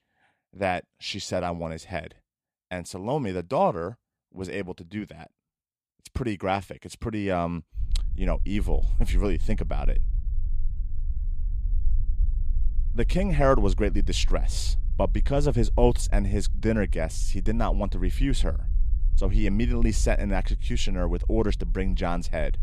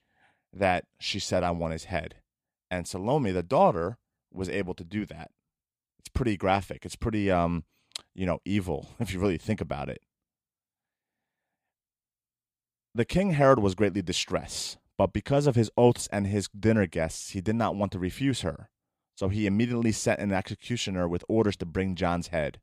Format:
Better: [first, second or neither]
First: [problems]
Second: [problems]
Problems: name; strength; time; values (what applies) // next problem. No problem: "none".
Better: second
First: low rumble; faint; from 8 s on; 25 dB below the speech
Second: none